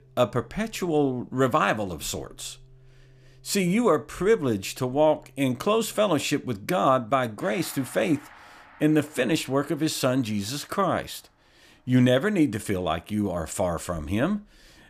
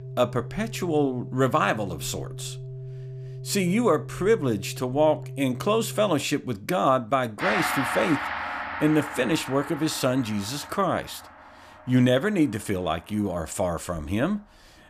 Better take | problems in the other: first | background music; loud; throughout; 9 dB below the speech; faint in the first

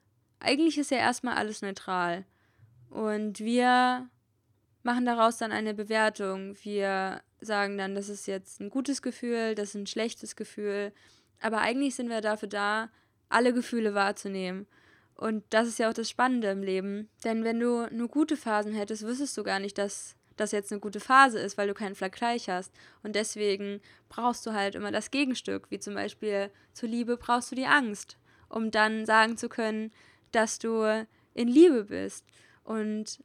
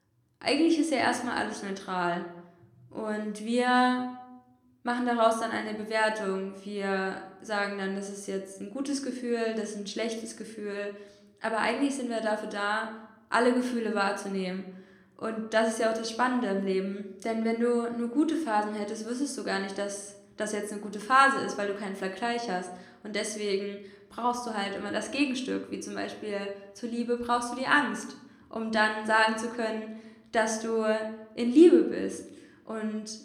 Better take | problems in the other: first | room echo; slight; dies away in 0.6 s

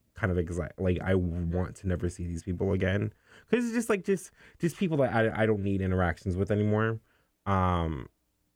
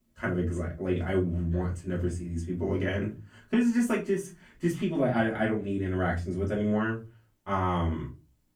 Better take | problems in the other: first | off-mic speech; far // room echo; very slight; dies away in 0.3 s

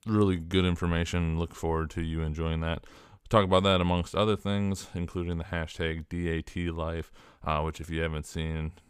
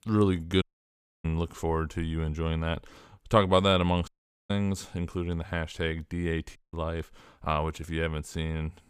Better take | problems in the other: first | audio cutting out; at 0.5 s for 0.5 s, at 4 s and at 6.5 s

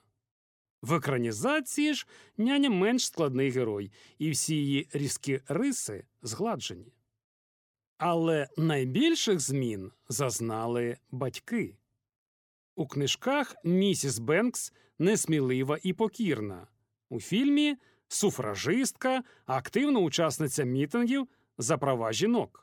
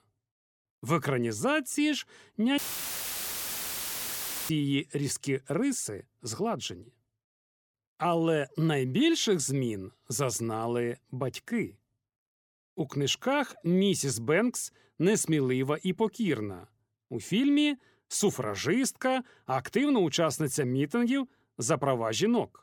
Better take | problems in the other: first | audio cutting out; filled with static; at 2.5 s for 2 s

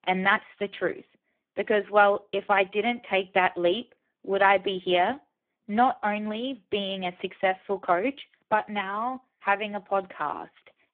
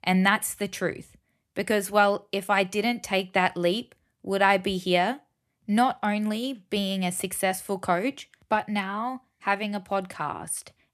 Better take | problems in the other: second | phone-call audio; poor line; nothing above 3.5 kHz

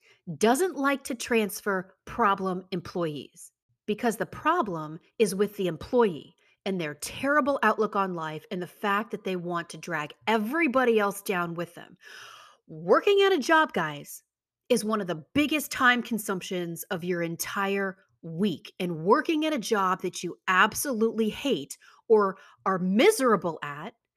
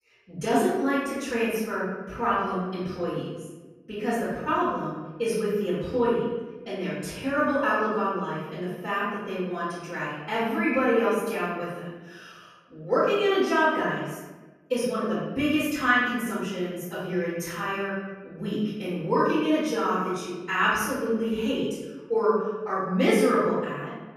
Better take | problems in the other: first | off-mic speech; far // room echo; strong; dies away in 1.1 s

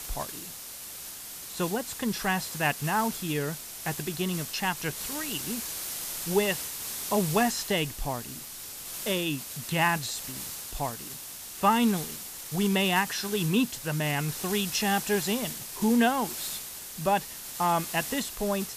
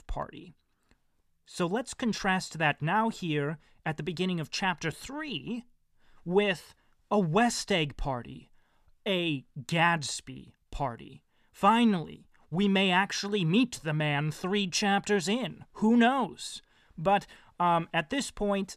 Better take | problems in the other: second | hiss; loud; throughout; 6 dB below the speech

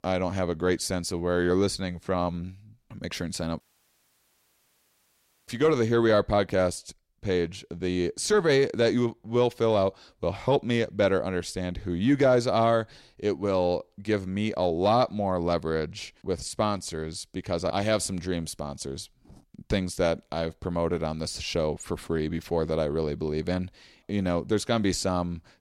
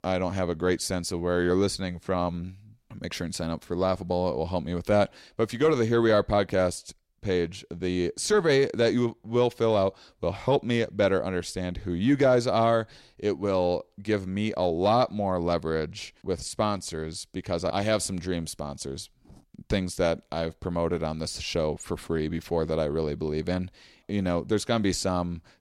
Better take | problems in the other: second | audio cutting out; at 3.5 s for 2 s

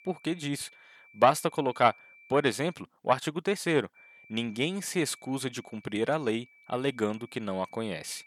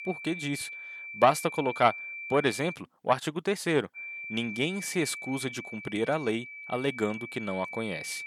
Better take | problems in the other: first | high-pitched whine; loud; until 2.5 s and from 4 s on; 2.5 kHz, 9 dB below the speech; faint in the first

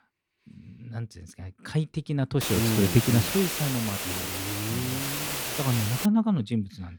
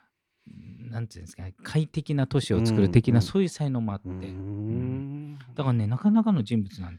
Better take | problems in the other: second | hiss; loud; from 2.5 to 6 s; 2 dB below the speech

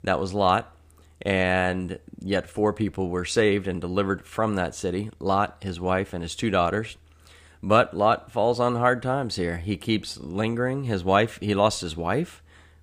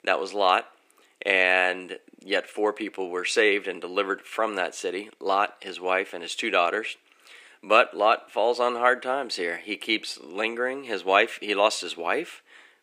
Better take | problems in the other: first | thin; somewhat; fading below 300 Hz

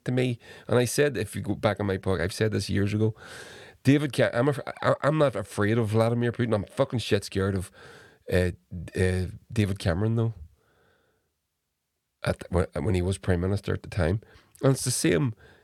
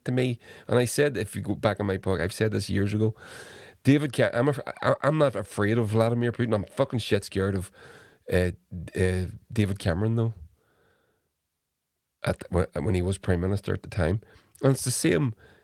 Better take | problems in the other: first | garbled, watery; slightly; nothing above 18.5 kHz

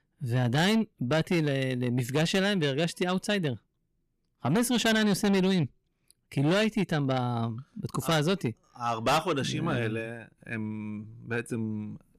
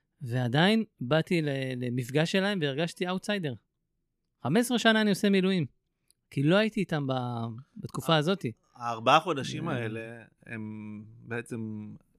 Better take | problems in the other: second | distortion; heavy; 7 dB below the speech

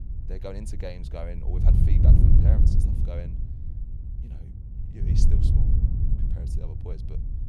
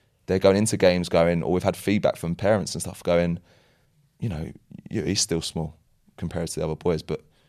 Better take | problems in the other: second | wind noise on the microphone; heavy; 4 dB above the speech

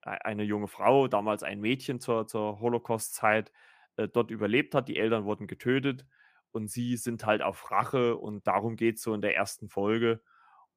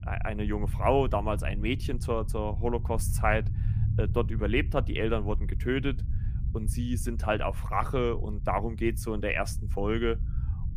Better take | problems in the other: first | low rumble; noticeable; throughout; 15 dB below the speech

